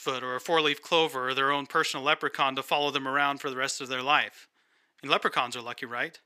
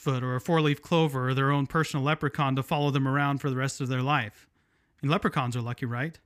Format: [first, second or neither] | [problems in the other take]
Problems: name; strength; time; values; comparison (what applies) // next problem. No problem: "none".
second | thin; very; fading below 500 Hz